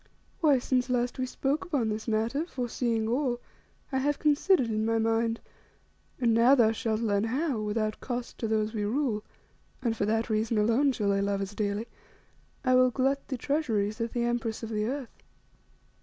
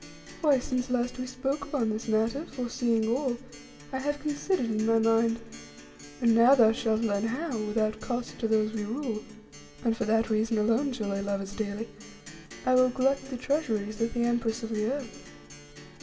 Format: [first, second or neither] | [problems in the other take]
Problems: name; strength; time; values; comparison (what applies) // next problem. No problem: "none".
first | background sound (Acoustic guitar); 19 dB below the speech // room echo; dies away in 1.1 s